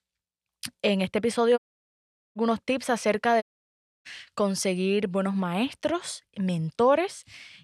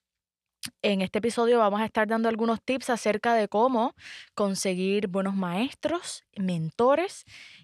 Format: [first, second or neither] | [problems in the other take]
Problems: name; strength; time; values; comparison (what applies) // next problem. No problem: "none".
second | audio cutting out; at 1.5 s for 1 s and at 3.5 s for 0.5 s